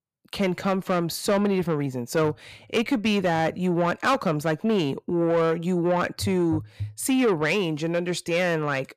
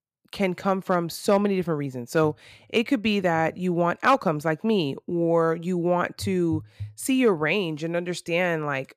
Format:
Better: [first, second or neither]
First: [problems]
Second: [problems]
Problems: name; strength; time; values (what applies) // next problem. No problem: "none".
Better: second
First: distortion; slight; 10 dB below the speech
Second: none